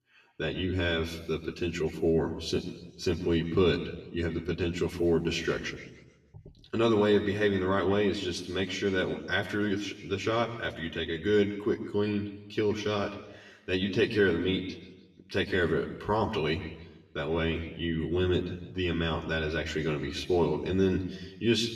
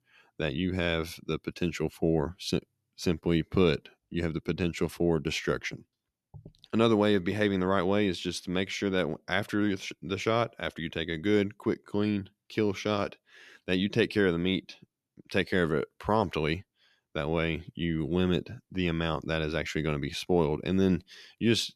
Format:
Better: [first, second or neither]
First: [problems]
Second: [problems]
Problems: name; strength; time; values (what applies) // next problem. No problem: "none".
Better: second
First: room echo; slight; dies away in 1.1 s // off-mic speech; far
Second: none